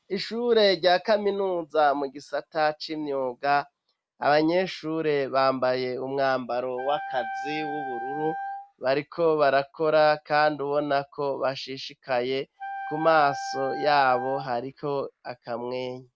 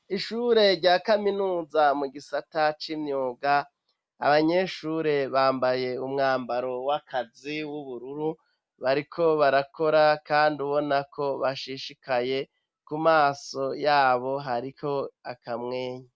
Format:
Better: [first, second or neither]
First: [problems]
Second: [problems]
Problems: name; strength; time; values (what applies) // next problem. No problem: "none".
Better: second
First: background sound (Wind instrument, woodwind instrument); 10 dB below the speech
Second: none